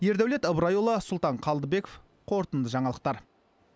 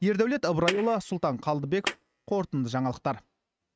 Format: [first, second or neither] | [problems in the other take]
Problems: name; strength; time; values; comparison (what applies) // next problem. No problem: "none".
first | noise reduction (neural mask model RNNoise)